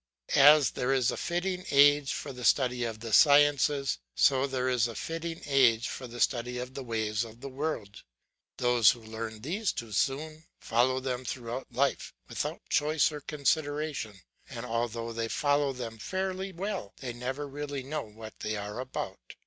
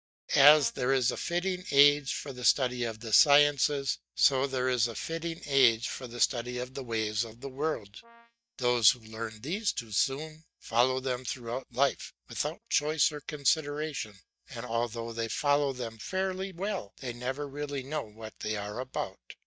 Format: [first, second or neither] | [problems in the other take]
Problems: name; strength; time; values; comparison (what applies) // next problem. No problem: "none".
first | noise reduction (neural mask model DeepFilterNet 3)